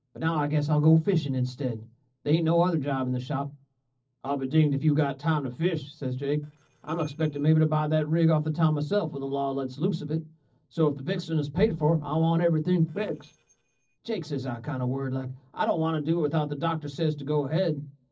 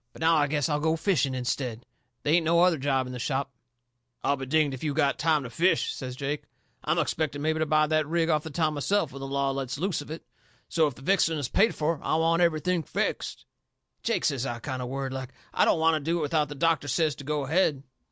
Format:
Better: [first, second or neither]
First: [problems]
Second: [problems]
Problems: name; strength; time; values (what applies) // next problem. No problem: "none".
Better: second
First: noise reduction (neural separator model SepFormer DNS4)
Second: none